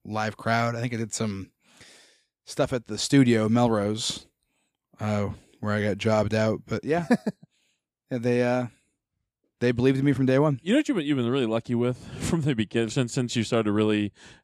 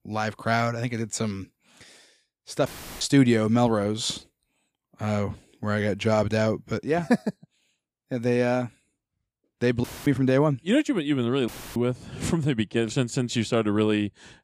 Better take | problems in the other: first | audio cutting out; filled with static; at 2.5 s, at 10 s and at 11 s

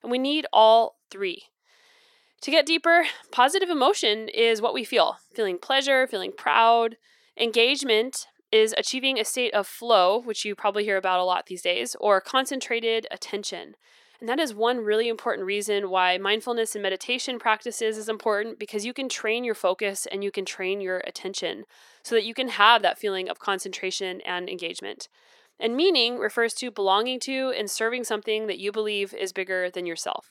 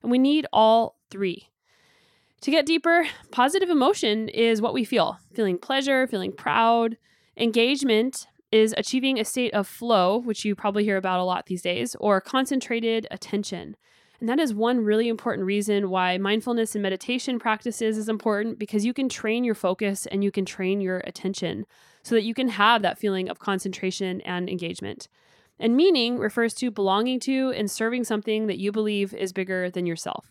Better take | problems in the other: second | thin; somewhat; fading below 500 Hz

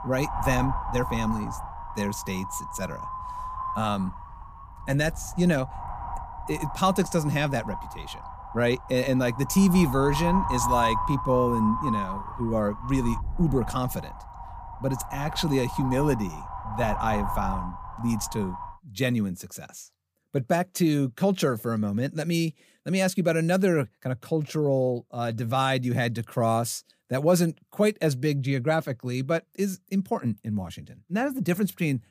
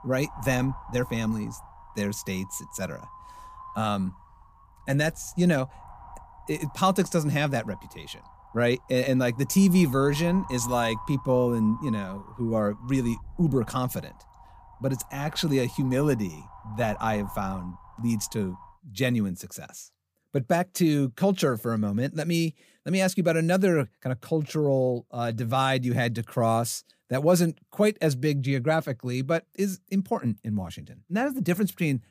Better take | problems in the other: second | wind noise on the microphone; heavy; until 19 s; 3 dB below the speech; occasional gusts in the second

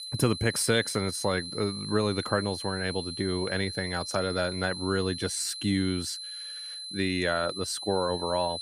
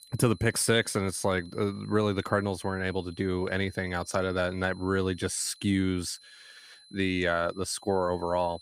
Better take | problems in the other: second | high-pitched whine; loud; throughout; 4 kHz, 7 dB below the speech; faint in the second

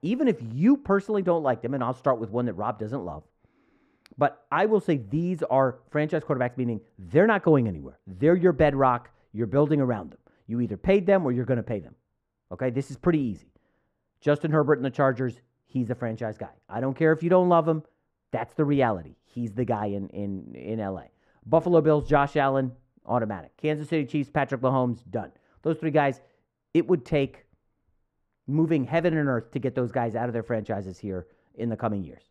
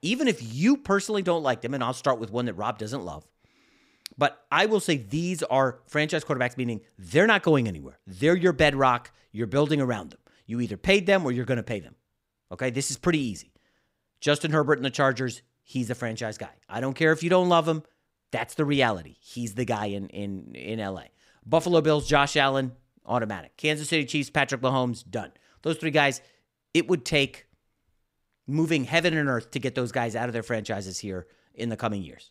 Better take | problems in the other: second | muffled; very; fading above 2.5 kHz

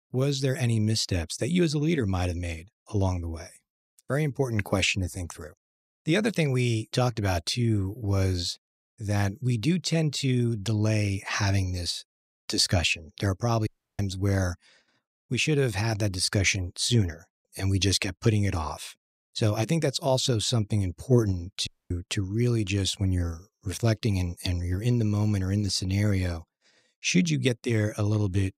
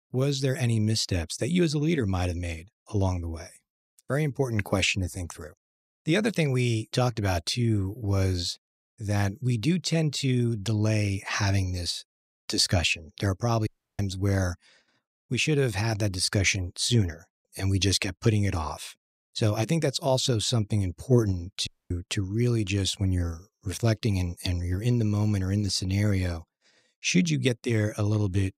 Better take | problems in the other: neither | audio cutting out; at 14 s and at 22 s; the same in both

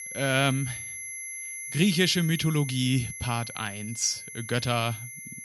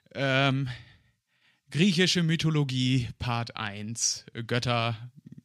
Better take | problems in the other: second | high-pitched whine; loud; throughout; 2 kHz, 9 dB below the speech

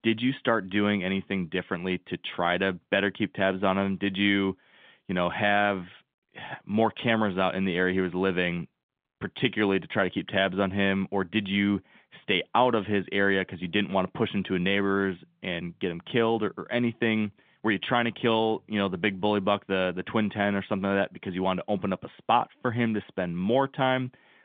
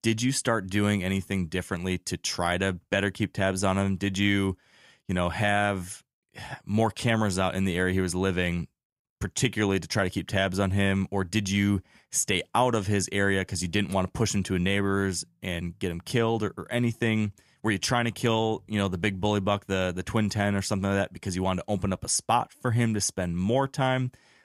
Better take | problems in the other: second | phone-call audio; nothing above 3.5 kHz

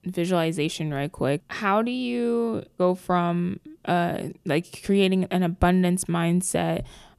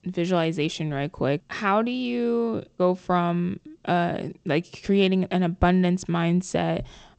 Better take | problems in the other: first | garbled, watery; slightly; nothing above 8 kHz

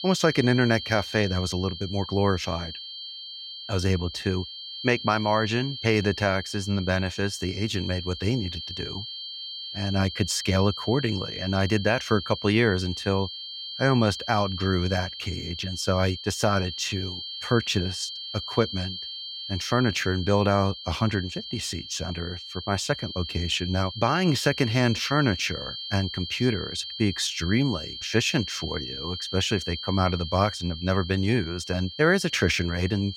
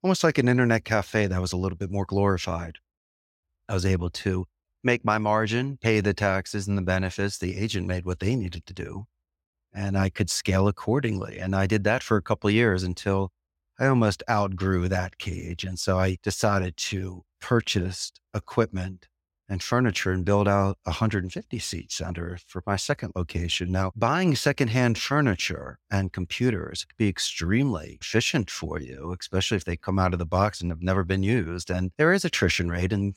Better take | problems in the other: second | high-pitched whine; loud; throughout; 3 kHz, 8 dB below the speech

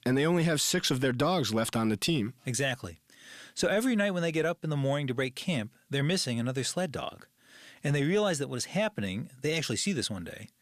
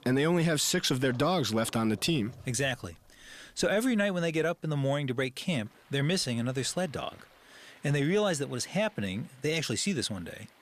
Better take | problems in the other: first | rain or running water; faint; throughout; 25 dB below the speech

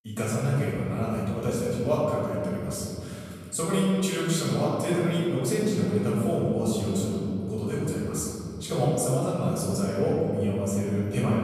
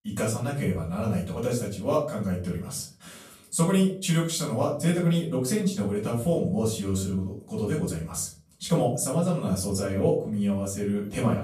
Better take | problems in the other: second | room echo; strong; dies away in 2.9 s; slight in the second // off-mic speech; far; far in the second

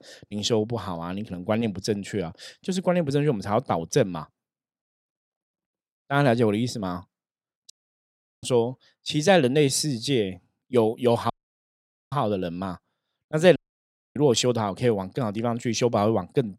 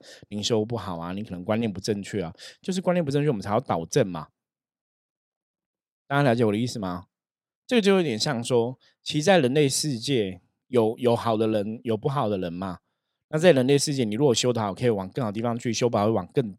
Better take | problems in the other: second | audio cutting out; at 7.5 s for 0.5 s, at 11 s for 1 s and at 14 s for 0.5 s

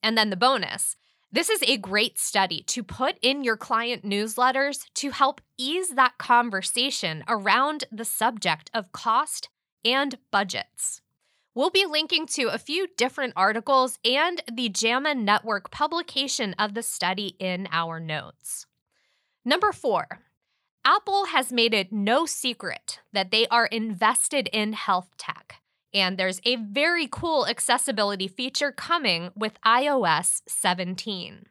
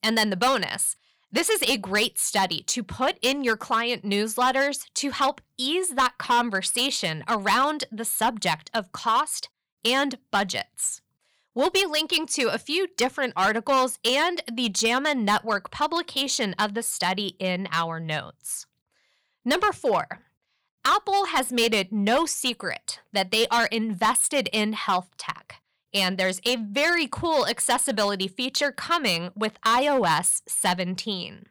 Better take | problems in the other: first | distortion; slight; 5% of the sound clipped

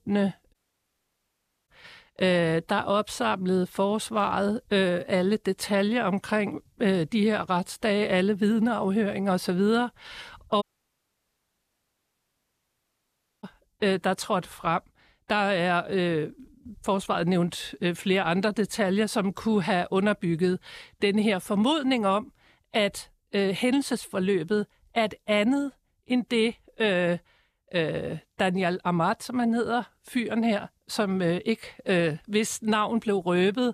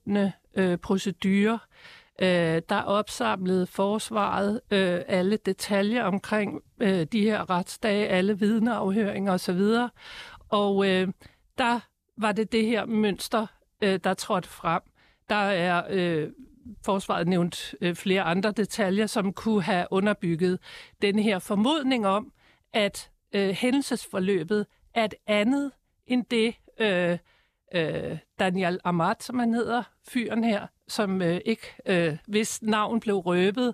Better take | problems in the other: second | audio cutting out; at 0.5 s for 1 s and at 11 s for 3 s

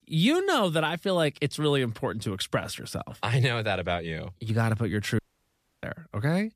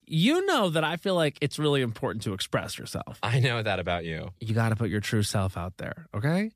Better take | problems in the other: second | audio cutting out; at 5 s for 0.5 s

